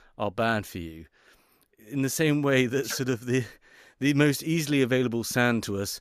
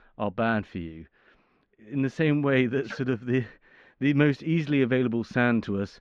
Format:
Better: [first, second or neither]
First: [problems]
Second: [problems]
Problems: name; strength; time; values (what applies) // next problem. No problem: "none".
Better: first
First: none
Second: muffled; very; fading above 3 kHz